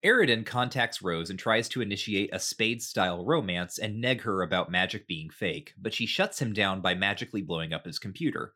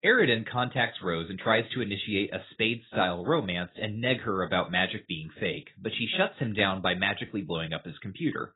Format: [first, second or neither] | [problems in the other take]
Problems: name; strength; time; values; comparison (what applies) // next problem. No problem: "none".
first | garbled, watery; badly; nothing above 4 kHz